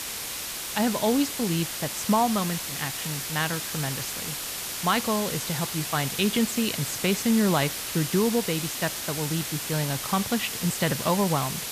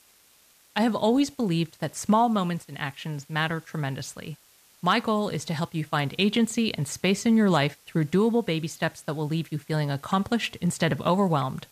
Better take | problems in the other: second | hiss; loud; throughout; 3 dB below the speech; faint in the second

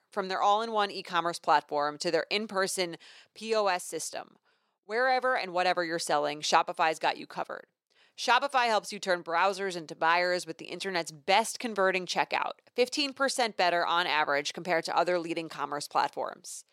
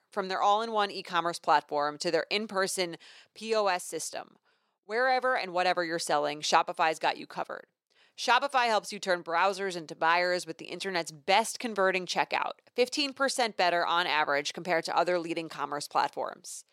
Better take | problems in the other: neither | thin; somewhat; fading below 400 Hz; the same in both

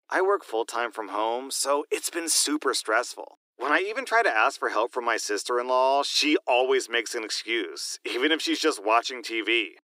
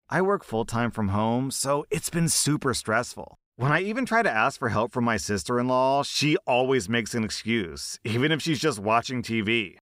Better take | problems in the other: second | thin; somewhat; fading below 300 Hz

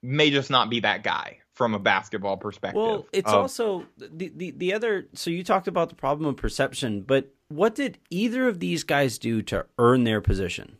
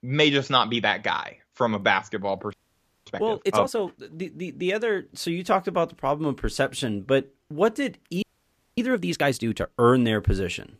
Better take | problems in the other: first | audio freezing; at 2.5 s for 0.5 s and at 8 s for 0.5 s

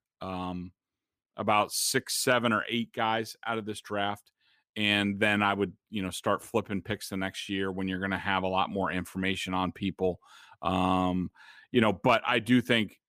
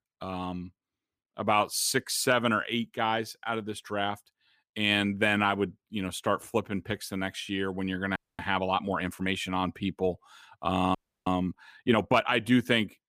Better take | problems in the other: first | audio freezing; at 8 s and at 11 s

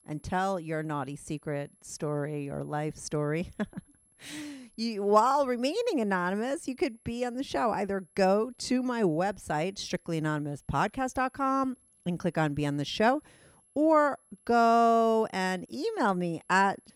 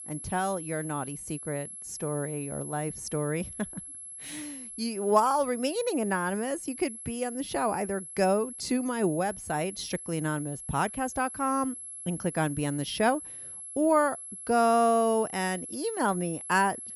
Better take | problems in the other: first | high-pitched whine; loud; throughout; 11 kHz, 10 dB below the speech; faint in the first

